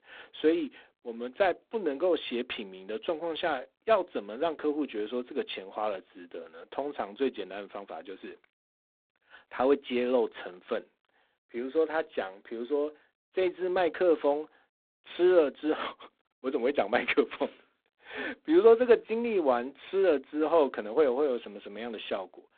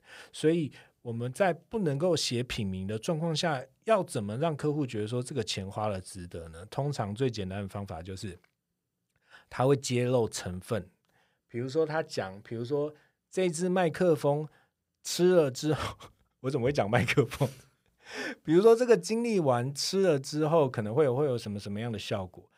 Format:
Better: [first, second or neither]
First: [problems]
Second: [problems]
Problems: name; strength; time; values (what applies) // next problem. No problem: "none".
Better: second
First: phone-call audio; poor line; nothing above 3.5 kHz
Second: none